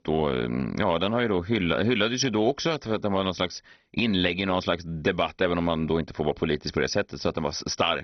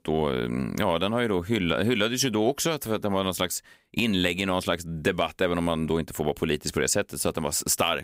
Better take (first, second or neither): second